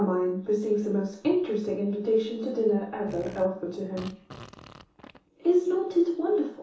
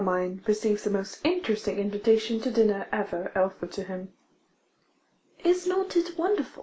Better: second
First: background sound (Fart); 19 dB below the speech // room echo; dies away in 1.2 s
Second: none

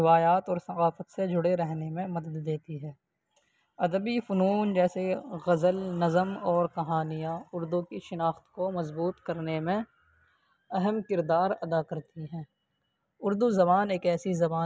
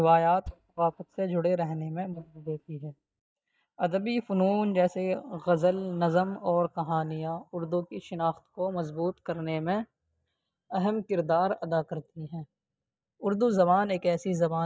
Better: first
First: none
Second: noise reduction (neural mask model DeepFilterNet 3)

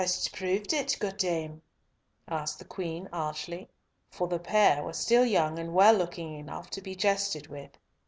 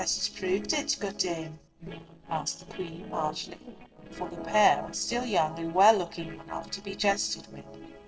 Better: first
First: none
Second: noise reduction (neural separator model SepFormer DNS4)

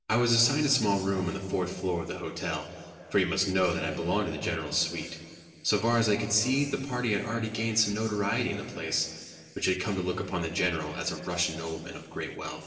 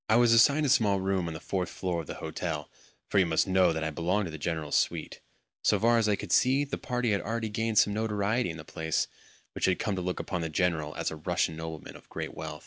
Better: second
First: room echo; dies away in 2.4 s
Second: none

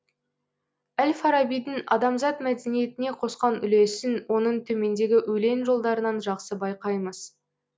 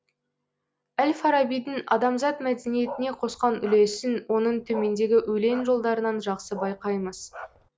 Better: first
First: none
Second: background sound (Bark); 16 dB below the speech

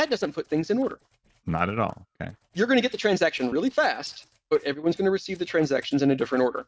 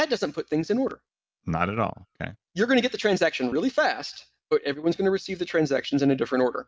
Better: second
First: noise reduction (neural separator model SepFormer DNS4)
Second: none

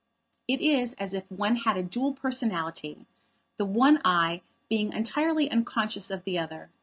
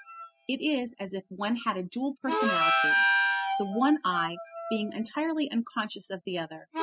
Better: first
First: none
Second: noise reduction (classical method spectral subtraction)

